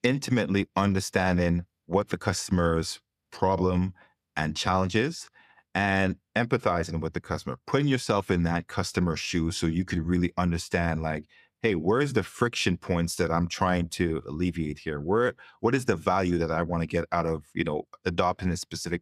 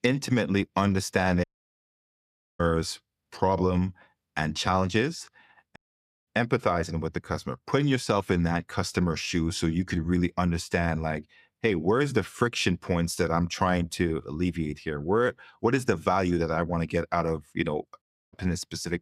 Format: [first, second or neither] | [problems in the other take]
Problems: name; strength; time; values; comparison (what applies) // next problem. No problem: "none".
first | audio cutting out; at 1.5 s for 1 s, at 6 s for 0.5 s and at 18 s